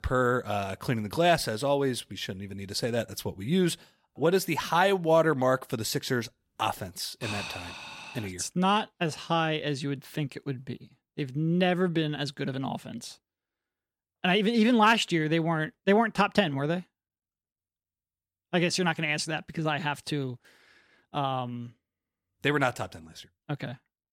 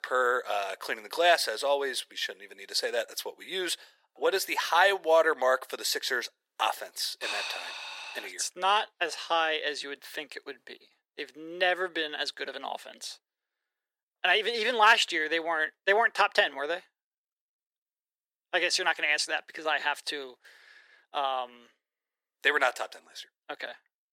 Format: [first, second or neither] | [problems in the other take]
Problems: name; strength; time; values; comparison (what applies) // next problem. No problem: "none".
first | thin; very; fading below 450 Hz